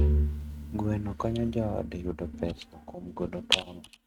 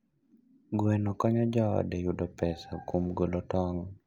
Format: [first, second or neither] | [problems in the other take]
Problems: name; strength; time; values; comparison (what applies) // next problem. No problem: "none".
second | noise reduction (neural mask model RNNoise)